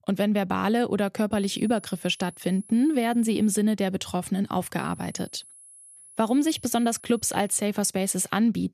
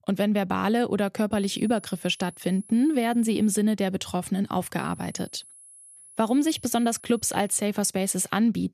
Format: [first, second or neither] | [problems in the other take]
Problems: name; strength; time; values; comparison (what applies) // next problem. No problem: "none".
neither | high-pitched whine; faint; from 1.5 to 3.5 s and from 5 to 7.5 s; 10.5 kHz, 20 dB below the speech; the same in both